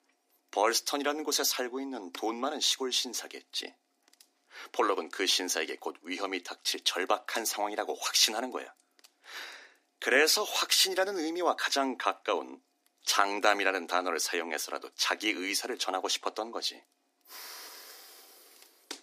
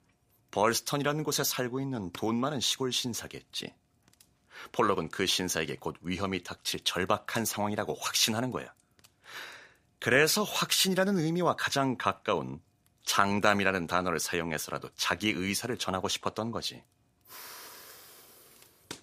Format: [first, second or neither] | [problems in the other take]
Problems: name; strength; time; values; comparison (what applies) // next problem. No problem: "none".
second | thin; somewhat; fading below 250 Hz